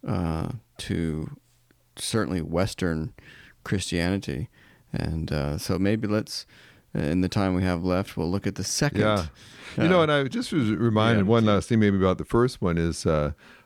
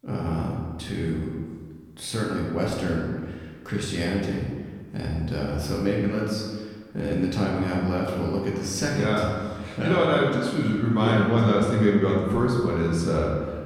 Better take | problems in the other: first | room echo; noticeable; dies away in 1.4 s // off-mic speech; far

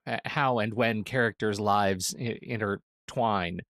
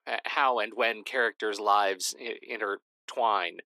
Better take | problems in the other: first | thin; very; fading below 300 Hz

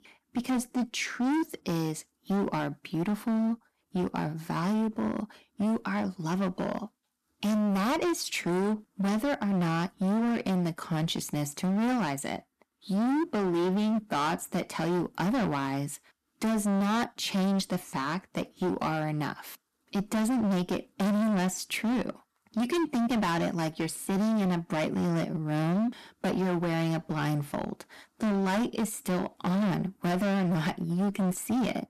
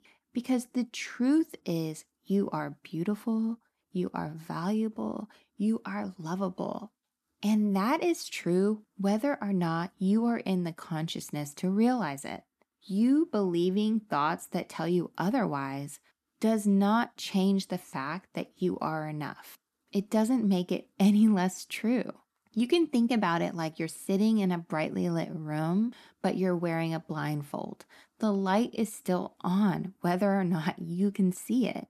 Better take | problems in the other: second | distortion; heavy; 25% of the sound clipped

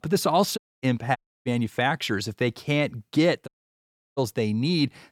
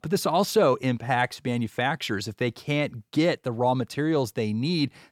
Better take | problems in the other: second | audio cutting out; at 0.5 s, at 1 s and at 3.5 s for 0.5 s

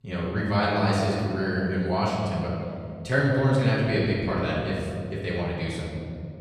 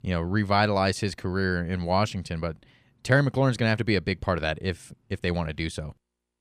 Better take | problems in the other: second | off-mic speech; far // room echo; strong; dies away in 2.4 s

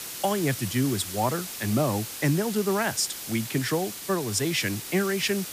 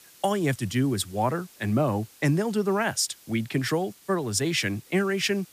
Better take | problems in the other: second | hiss; loud; throughout; 7 dB below the speech; faint in the second

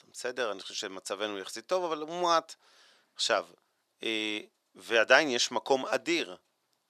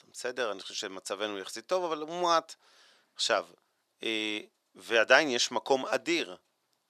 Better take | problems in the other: neither | thin; somewhat; fading below 500 Hz; the same in both

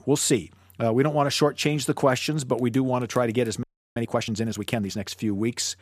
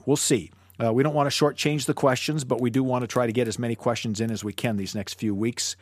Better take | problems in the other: second | audio freezing; at 3.5 s

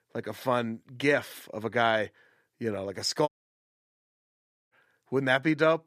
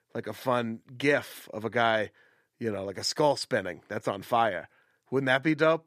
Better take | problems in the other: second | audio cutting out; at 3.5 s for 1.5 s

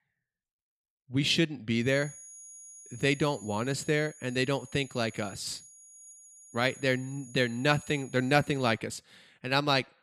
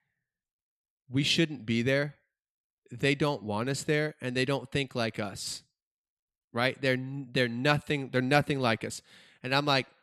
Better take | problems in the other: second | high-pitched whine; noticeable; from 2 to 8.5 s; 6.5 kHz, 20 dB below the speech

